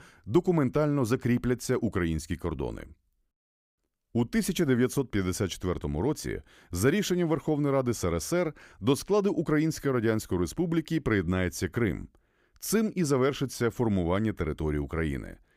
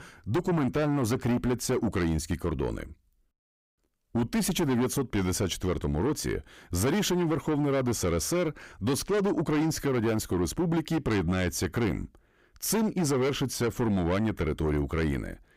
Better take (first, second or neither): first